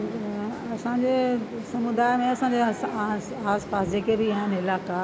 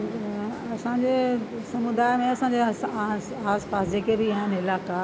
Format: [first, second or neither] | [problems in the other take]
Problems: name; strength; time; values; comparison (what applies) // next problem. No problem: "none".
second | background sound (Cheering); 18 dB below the speech